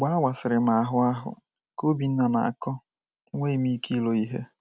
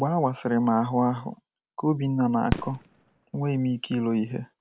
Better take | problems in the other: first | background sound (Fireworks); 10 dB below the speech

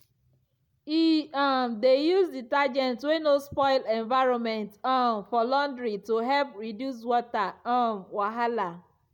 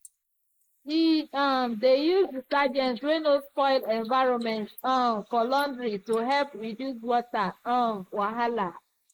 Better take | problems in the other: first | noise reduction (neural mask model Resemble Enhance denoiser)

